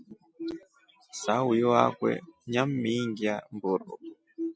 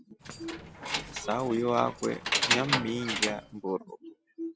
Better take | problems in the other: first | background sound (Keys jangling); 1 dB below the speech

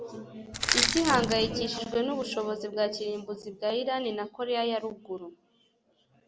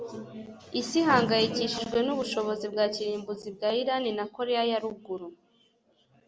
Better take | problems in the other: second | background sound (Crushing); 1 dB above the speech

